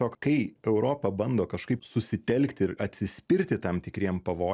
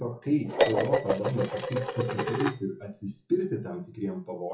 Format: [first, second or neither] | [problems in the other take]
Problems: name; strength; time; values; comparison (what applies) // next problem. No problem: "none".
first | noise reduction (classical method WPE with log-MMSE)